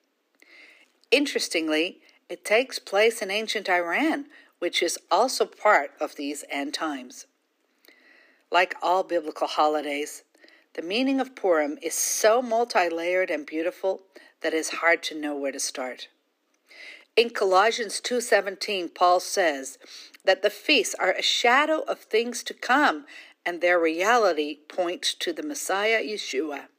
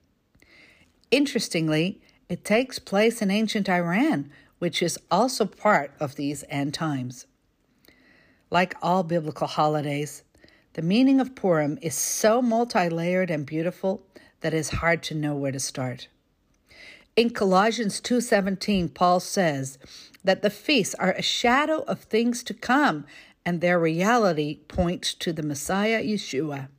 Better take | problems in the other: second | thin; somewhat; fading below 300 Hz

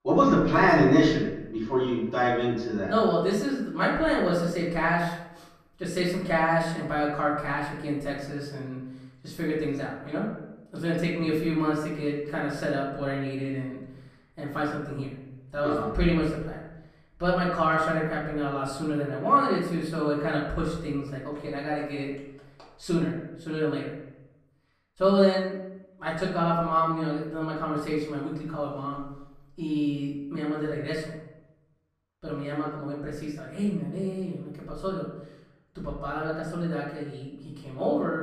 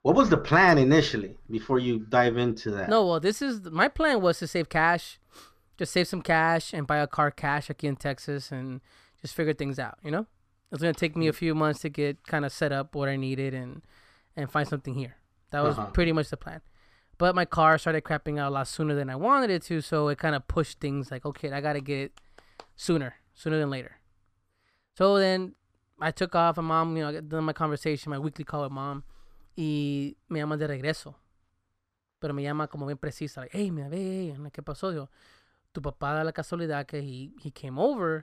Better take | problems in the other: second | off-mic speech; far // room echo; noticeable; dies away in 0.8 s

